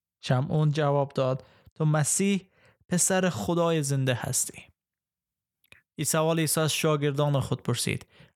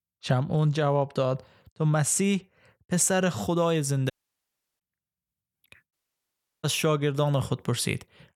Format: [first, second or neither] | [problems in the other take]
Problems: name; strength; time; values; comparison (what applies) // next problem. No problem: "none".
first | audio cutting out; at 4 s for 0.5 s and at 6 s for 0.5 s